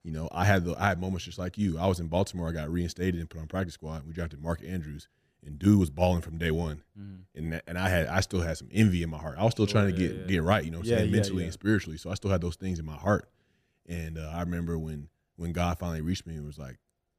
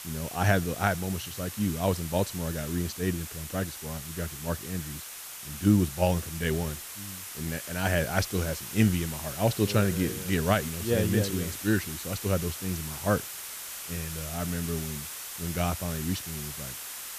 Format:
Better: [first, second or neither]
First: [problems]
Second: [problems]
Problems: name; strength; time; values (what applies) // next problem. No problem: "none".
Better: first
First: none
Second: hiss; loud; throughout; 7 dB below the speech